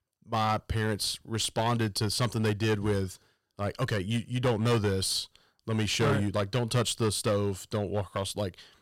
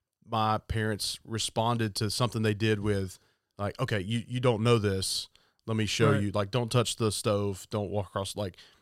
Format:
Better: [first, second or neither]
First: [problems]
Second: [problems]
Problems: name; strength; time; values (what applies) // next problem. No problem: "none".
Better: second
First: distortion; slight; 6% of the sound clipped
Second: none